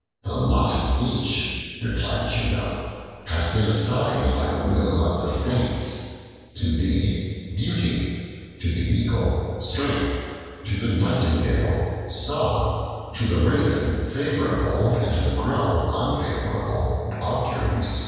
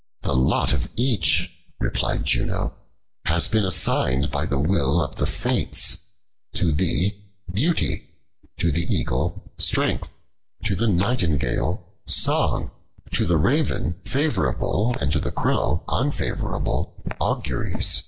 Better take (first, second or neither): second